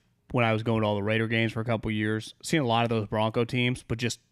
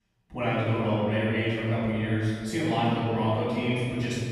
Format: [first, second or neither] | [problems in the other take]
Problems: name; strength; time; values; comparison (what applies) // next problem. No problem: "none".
first | room echo; strong; dies away in 2.5 s // off-mic speech; far